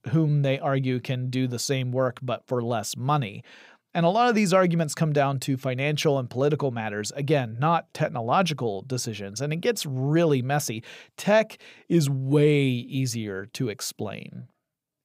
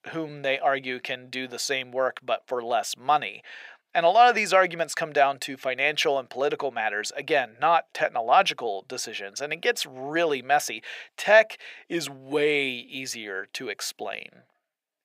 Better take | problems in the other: first | thin; very; fading below 450 Hz

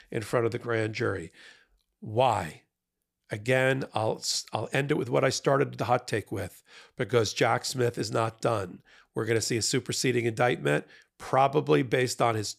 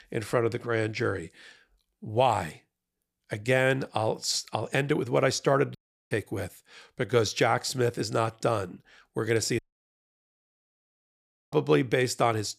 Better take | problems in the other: first | audio cutting out; at 6 s and at 9.5 s for 2 s

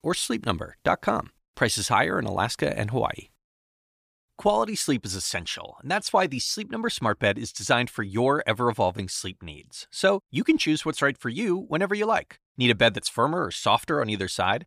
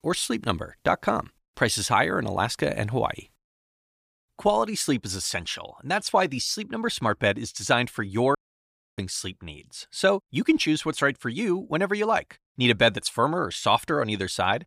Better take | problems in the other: first | audio cutting out; at 8.5 s for 0.5 s

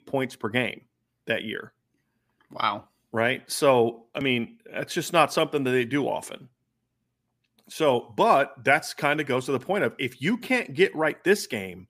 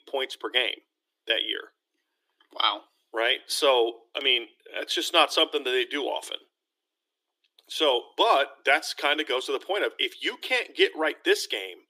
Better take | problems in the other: first | thin; very; fading below 300 Hz

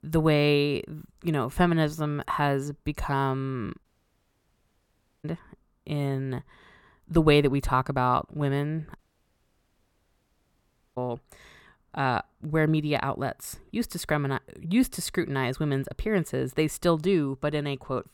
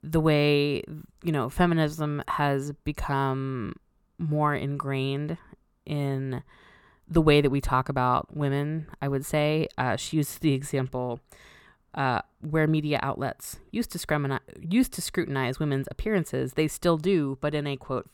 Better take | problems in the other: second | audio cutting out; at 4 s for 1.5 s and at 9 s for 2 s

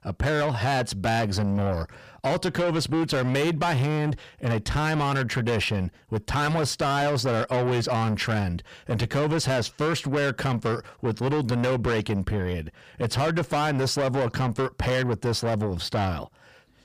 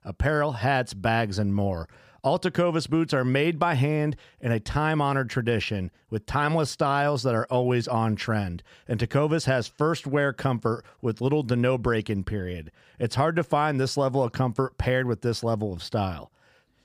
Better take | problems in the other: second | distortion; heavy; 7 dB below the speech

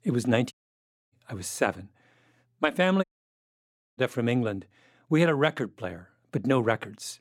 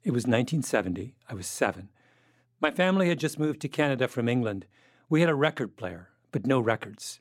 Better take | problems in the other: second | audio cutting out; at 0.5 s for 0.5 s and at 3 s for 1 s

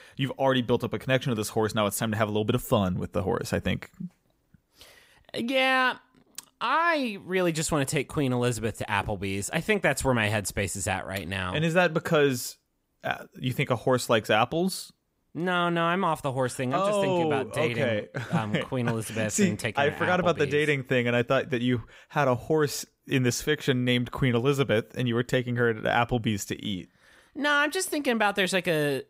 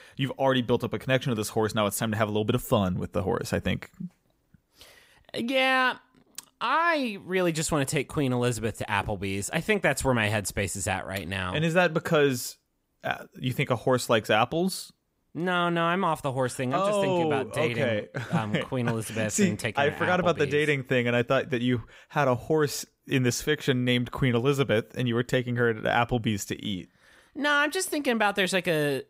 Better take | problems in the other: neither | none

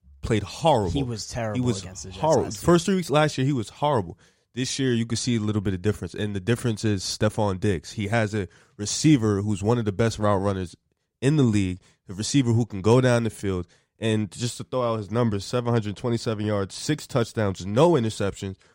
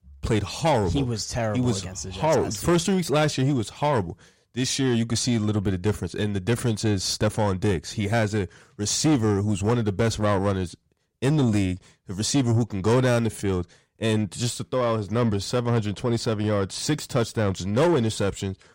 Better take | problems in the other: first | distortion; slight; 10 dB below the speech

